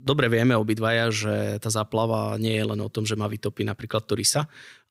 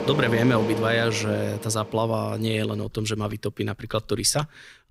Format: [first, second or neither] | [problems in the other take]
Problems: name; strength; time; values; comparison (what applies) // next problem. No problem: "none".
first | machinery noise; loud; throughout; 6 dB below the speech